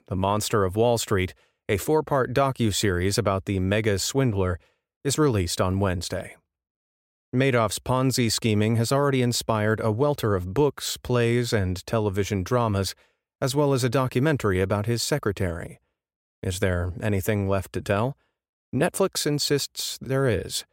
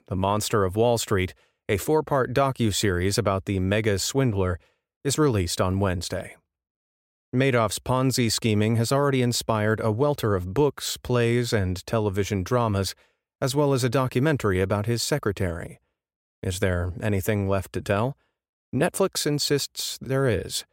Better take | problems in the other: neither | none

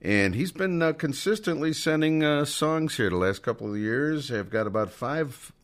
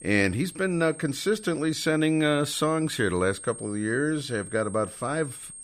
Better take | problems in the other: first | high-pitched whine; noticeable; throughout; 8.5 kHz, 15 dB below the speech

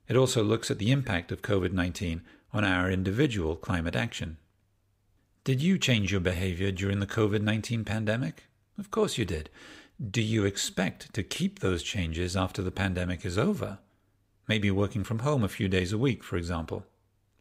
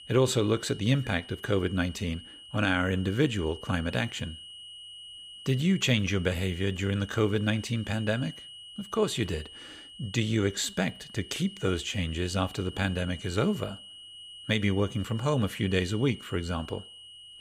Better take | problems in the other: first | high-pitched whine; noticeable; throughout; 3 kHz, 15 dB below the speech

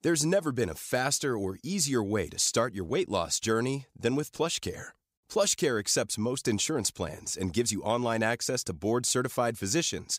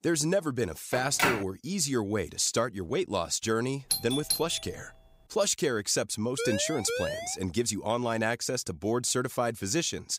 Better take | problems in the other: first | phone ringing; loud; at 1 s; peak 2 dB above the speech // doorbell; noticeable; at 4 s; peak level with the speech // siren; noticeable; at 6.5 s; peak 3 dB below the speech

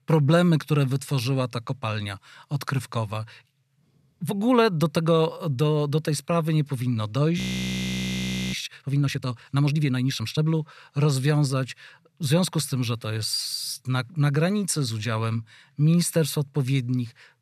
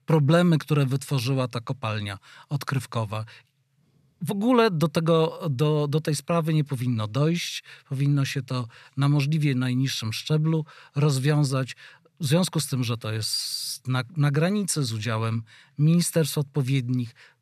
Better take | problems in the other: second | audio freezing; at 7.5 s for 1 s

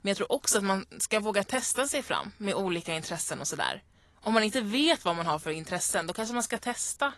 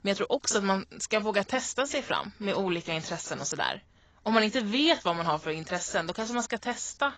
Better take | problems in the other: first | garbled, watery; badly; nothing above 7.5 kHz; slightly in the first

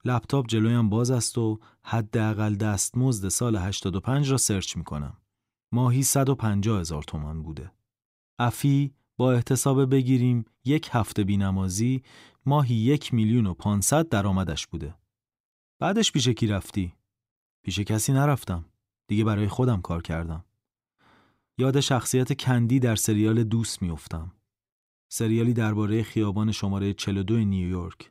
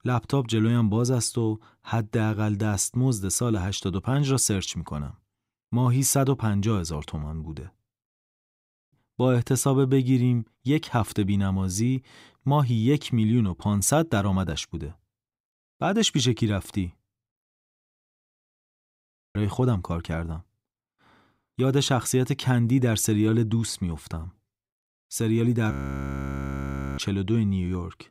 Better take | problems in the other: first | audio freezing; at 8 s for 0.5 s, at 17 s for 2 s and at 26 s for 1.5 s

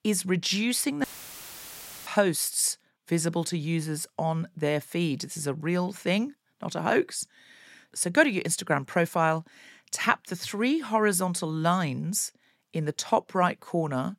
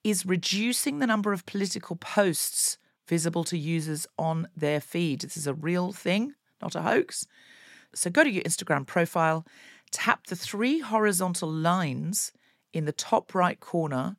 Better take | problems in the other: second | audio cutting out; filled with static; at 1 s for 1 s

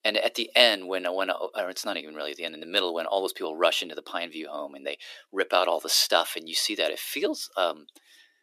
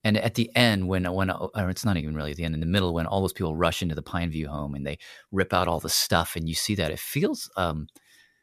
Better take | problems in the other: second | thin; very; fading below 300 Hz

